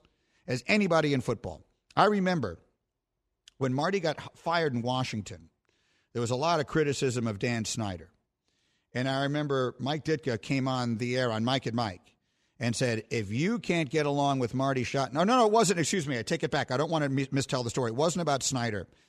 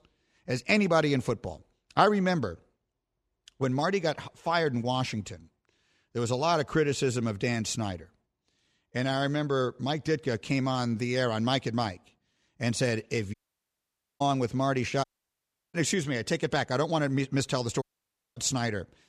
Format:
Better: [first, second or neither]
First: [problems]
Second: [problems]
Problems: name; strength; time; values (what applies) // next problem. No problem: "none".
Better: first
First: none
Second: audio cutting out; at 13 s for 1 s, at 15 s for 0.5 s and at 18 s for 0.5 s